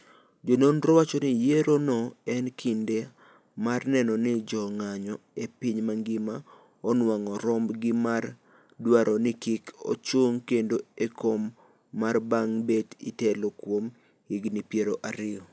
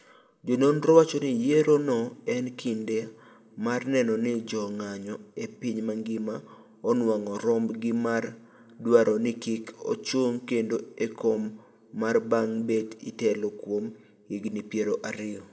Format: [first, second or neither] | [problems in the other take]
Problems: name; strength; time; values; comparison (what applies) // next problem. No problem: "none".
first | room echo; dies away in 1 s